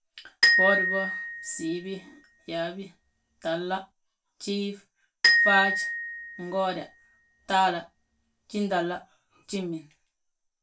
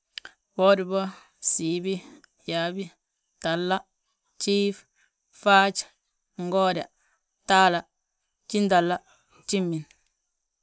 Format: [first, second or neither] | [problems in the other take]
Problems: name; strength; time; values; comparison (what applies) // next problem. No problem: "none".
second | background sound (Glockenspiel); 3 dB above the speech // room echo; dies away in 0.2 s